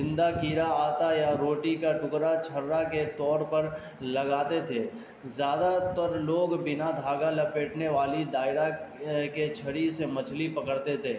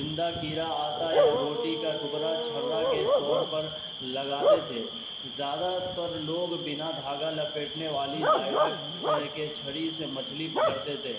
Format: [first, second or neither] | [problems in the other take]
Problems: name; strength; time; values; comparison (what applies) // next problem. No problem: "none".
first | background sound (Bark / Cricket); 2 dB above the speech